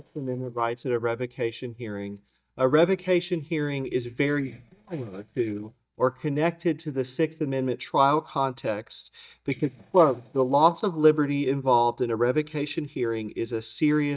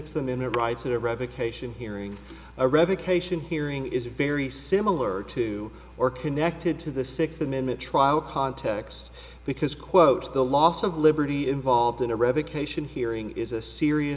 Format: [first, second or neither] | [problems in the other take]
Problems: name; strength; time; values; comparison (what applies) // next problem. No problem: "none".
second | noise reduction (neural mask model DeepFilterNet 3)